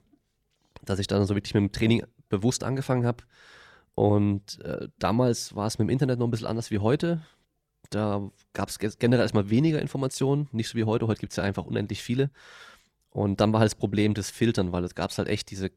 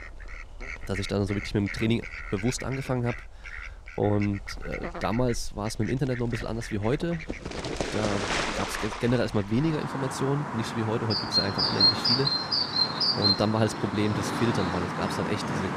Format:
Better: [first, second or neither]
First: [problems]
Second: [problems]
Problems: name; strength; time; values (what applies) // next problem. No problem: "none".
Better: first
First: none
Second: animal sounds; very loud; throughout; 1 dB above the speech